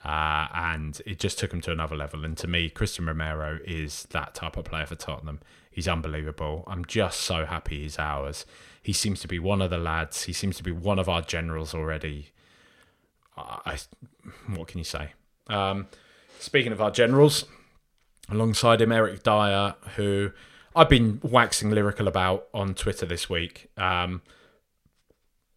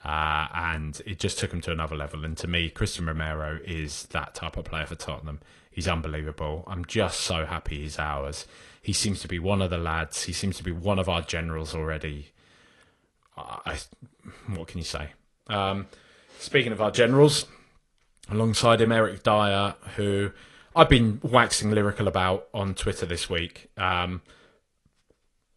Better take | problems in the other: first | garbled, watery; slightly; nothing above 11 kHz

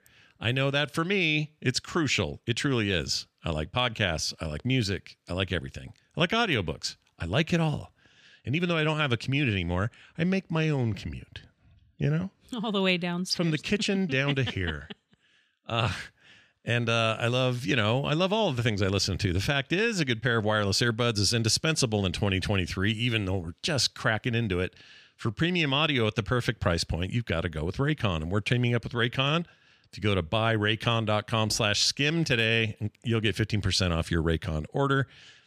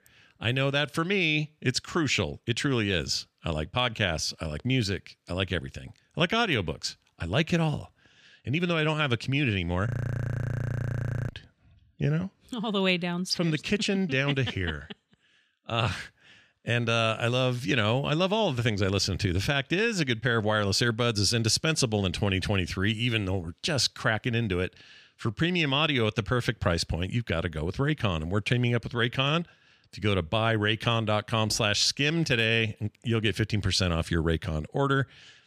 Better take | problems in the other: first | audio freezing; at 10 s for 1.5 s

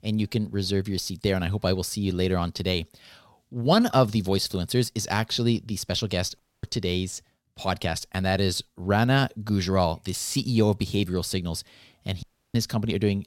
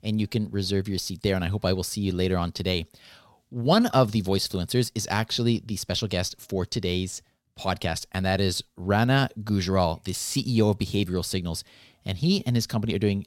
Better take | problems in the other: second | audio cutting out; at 6.5 s and at 12 s

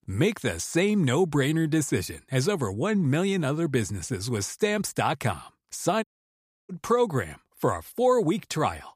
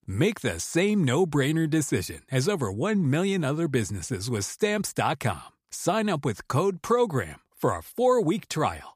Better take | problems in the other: second | audio cutting out; at 6 s for 0.5 s

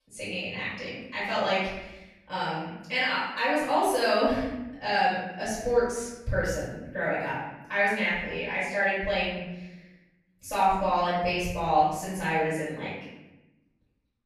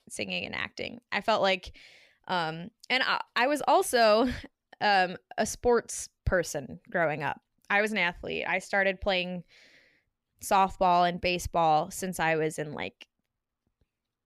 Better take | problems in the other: second | off-mic speech; far // room echo; noticeable; dies away in 0.9 s

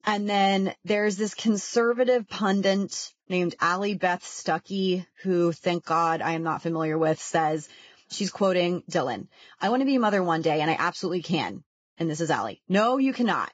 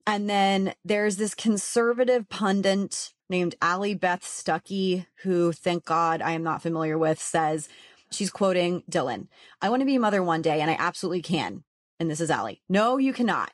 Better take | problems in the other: second | garbled, watery; badly; nothing above 7.5 kHz; slightly in the second

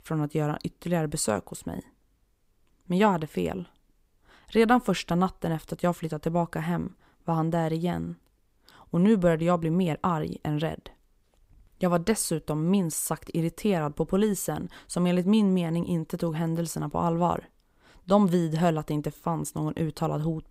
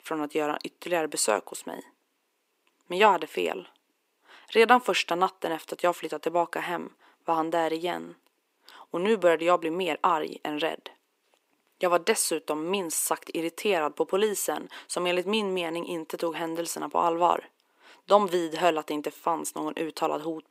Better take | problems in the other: first | thin; very; fading below 300 Hz

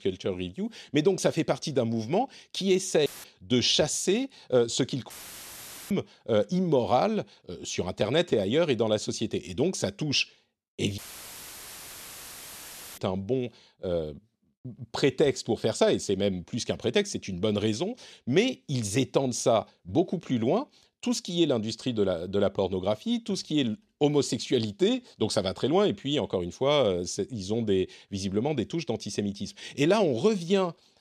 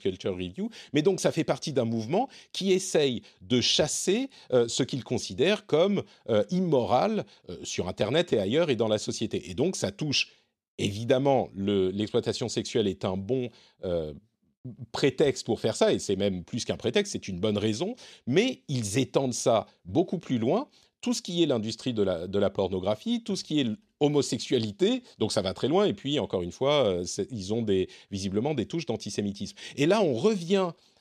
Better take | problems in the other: second | audio cutting out; filled with static; at 3 s, at 5 s for 1 s and at 11 s for 2 s

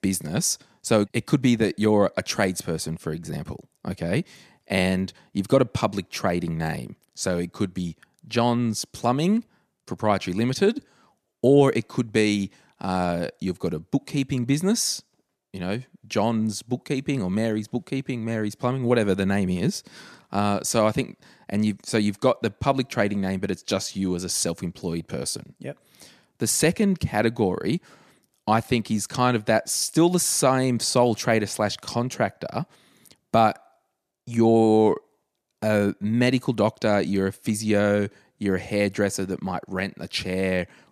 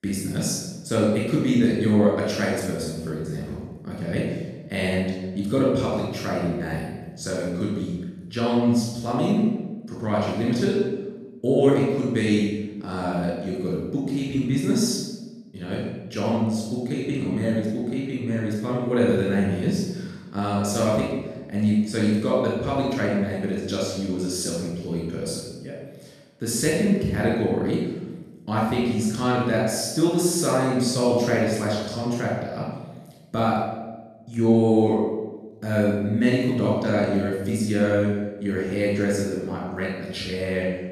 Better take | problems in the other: first | off-mic speech; far // room echo; strong; dies away in 1 s

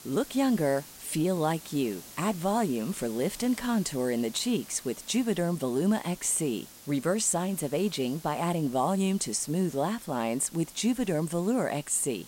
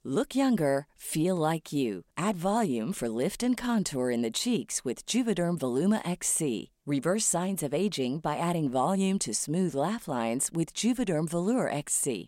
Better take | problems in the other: second | hiss; noticeable; throughout; 20 dB below the speech

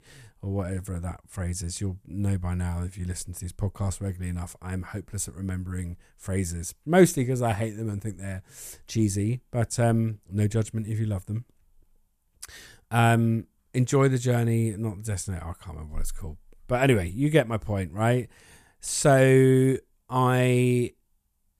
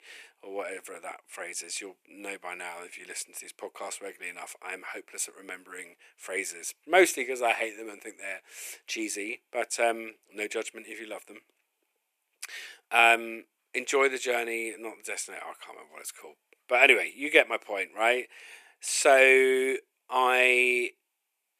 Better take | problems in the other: first | thin; very; fading below 350 Hz

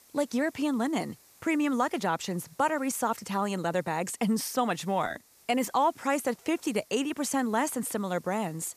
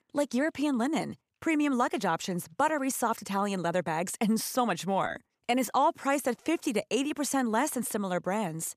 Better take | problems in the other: second | hiss; faint; throughout; 25 dB below the speech

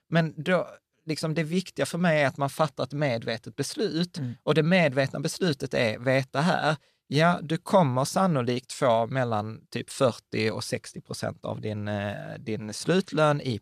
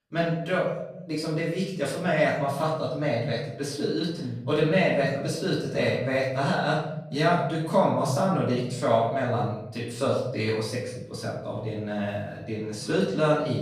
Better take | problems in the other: first | room echo; noticeable; dies away in 0.8 s // off-mic speech; far

